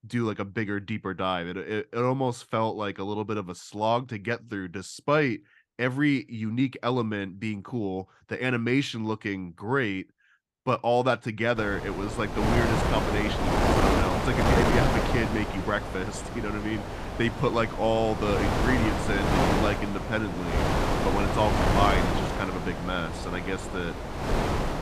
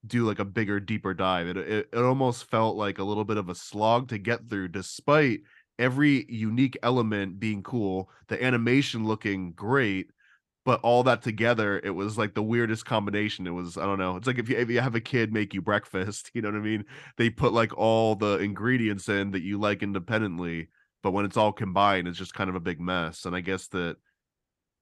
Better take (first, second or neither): second